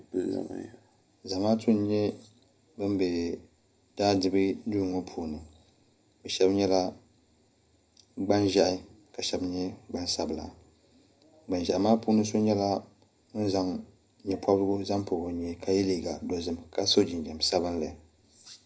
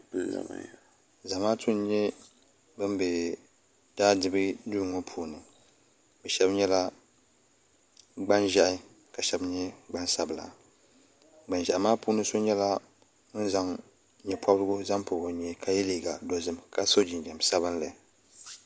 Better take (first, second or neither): second